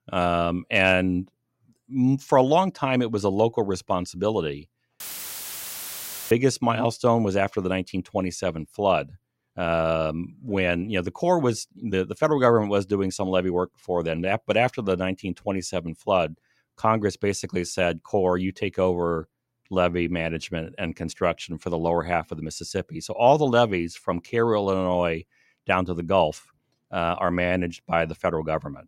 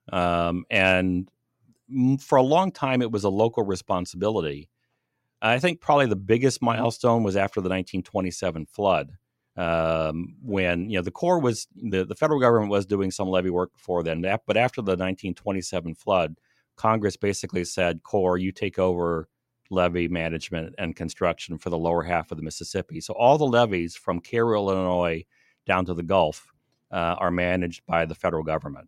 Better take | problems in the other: second | audio cutting out; filled with static; at 5 s for 1.5 s

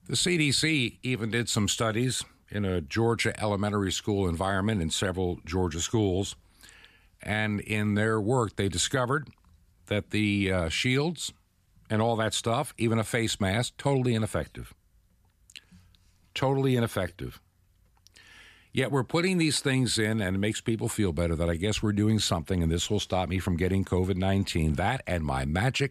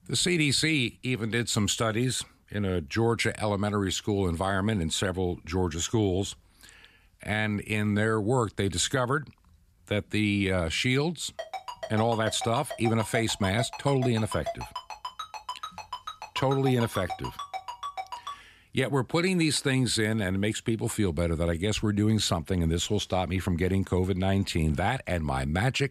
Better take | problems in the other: first | phone ringing; noticeable; from 11 to 18 s; peak 8 dB below the speech

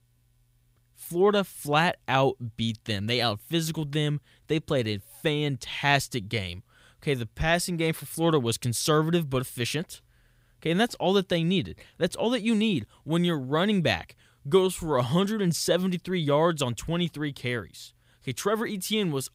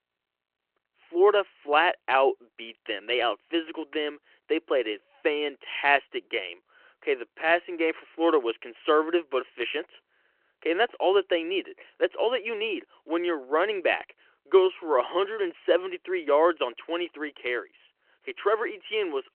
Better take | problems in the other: first | phone-call audio

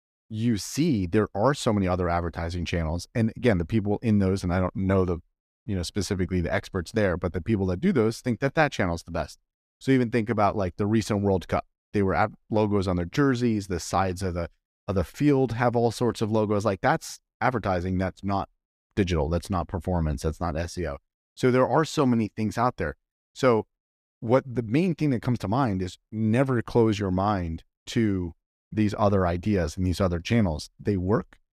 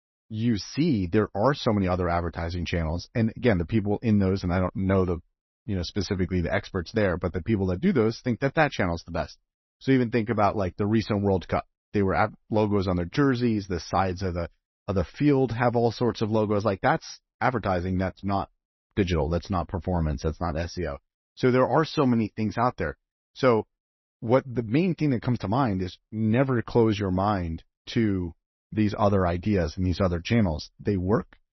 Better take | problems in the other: first | garbled, watery; slightly; nothing above 6 kHz

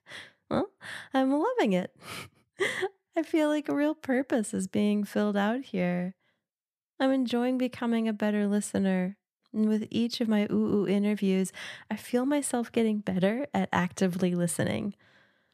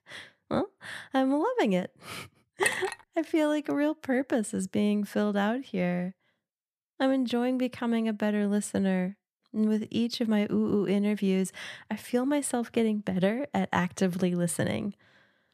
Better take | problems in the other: first | clattering dishes; noticeable; at 2.5 s; peak 3 dB below the speech

